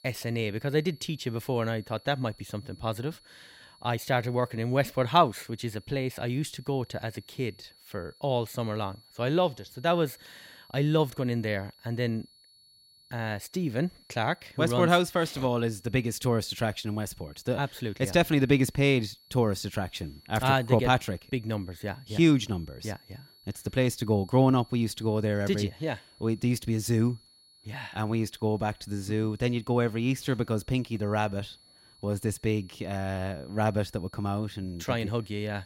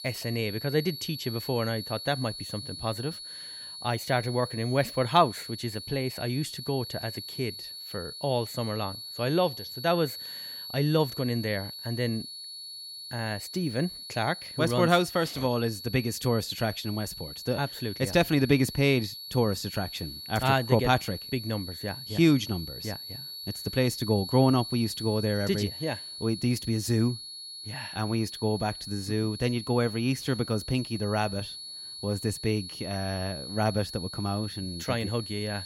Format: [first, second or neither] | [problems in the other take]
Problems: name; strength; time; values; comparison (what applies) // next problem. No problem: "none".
first | high-pitched whine; loud; throughout; 4.5 kHz, 9 dB below the speech; faint in the first